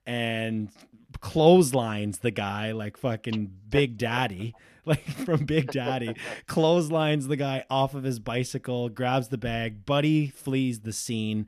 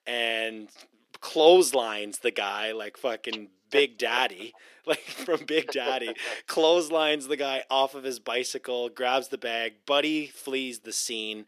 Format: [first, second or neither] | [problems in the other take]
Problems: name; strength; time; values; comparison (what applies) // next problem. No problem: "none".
first | thin; very; fading below 350 Hz